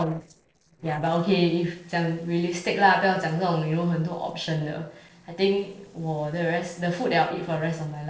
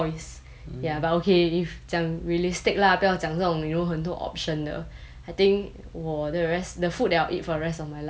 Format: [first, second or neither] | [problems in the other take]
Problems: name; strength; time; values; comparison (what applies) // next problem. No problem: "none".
second | noise reduction (neural separator model SepFormer DNS4)